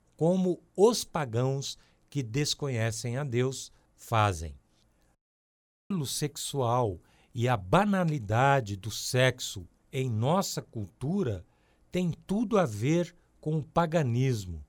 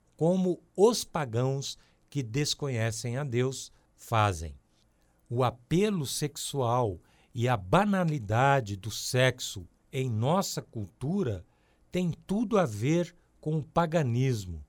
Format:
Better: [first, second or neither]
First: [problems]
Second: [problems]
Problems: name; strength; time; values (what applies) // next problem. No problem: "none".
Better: second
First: audio cutting out; at 5 s for 1 s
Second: none